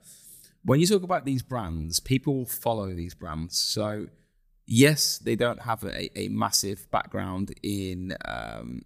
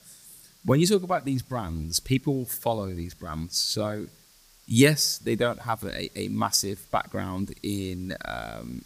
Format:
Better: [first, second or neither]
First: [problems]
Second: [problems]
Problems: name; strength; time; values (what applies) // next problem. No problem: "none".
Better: first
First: none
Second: hiss; faint; throughout; 30 dB below the speech